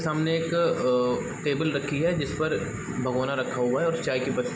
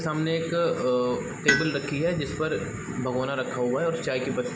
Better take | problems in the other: first | background sound (Tools); 7 dB below the speech

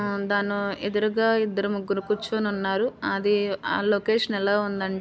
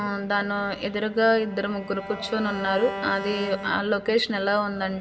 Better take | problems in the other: first | background sound (Bowed string instrument); 12 dB below the speech // room echo; dies away in 0.4 s

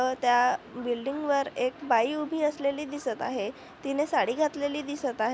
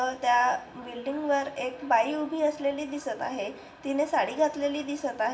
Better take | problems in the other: first | room echo; dies away in 0.6 s

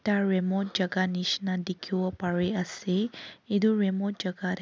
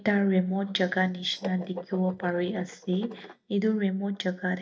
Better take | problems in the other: first | noise reduction (neural mask model DeepFilterNet 3)

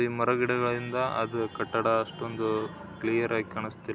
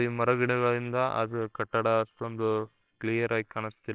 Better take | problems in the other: first | noise reduction (neural separator model SepFormer WHAMR!)

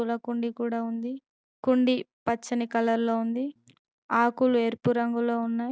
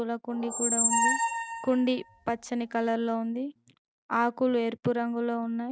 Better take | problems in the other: first | background sound (Squeak); as loud as the speech

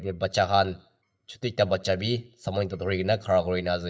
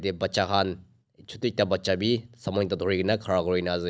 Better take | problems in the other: second | noise reduction (neural mask model DeepFilterNet 3)

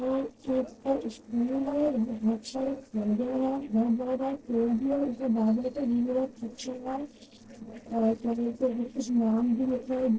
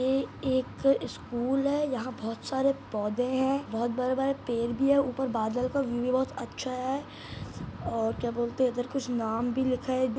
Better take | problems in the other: second | noise reduction (neural separator model SepFormer DNS4)

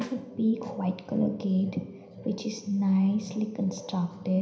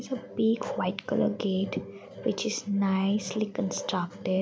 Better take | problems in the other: second | background sound (Snare drum); 18 dB below the speech // room echo; dies away in 0.9 s

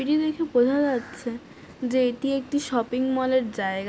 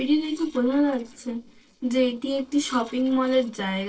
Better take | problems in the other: first | noise reduction (neural separator model SepFormer DNS4)

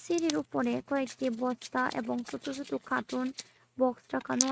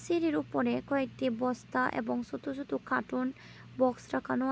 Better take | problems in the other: second | noise reduction (neural mask model RNNoise)

